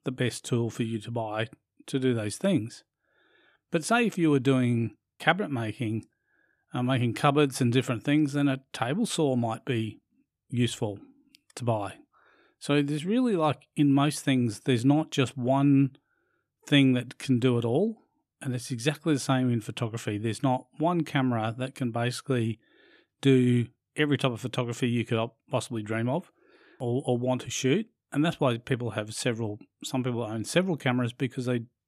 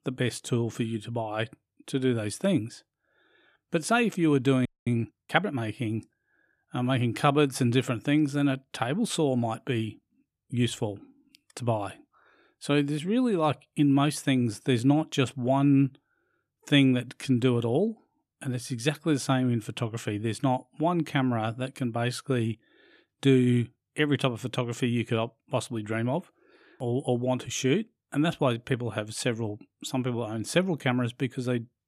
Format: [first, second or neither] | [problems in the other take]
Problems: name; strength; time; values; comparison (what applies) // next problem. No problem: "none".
first | audio freezing; at 4.5 s